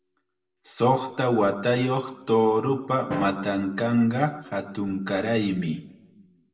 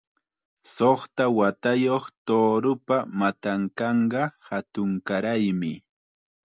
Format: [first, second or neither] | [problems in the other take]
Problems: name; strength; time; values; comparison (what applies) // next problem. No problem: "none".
second | background sound (Drum); 15 dB below the speech // room echo; dies away in 0.6 s